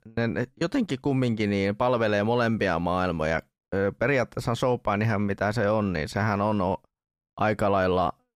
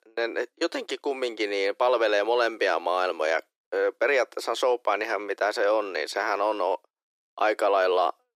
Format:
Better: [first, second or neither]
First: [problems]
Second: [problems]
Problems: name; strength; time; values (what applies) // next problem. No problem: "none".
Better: first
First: none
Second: thin; very; fading below 350 Hz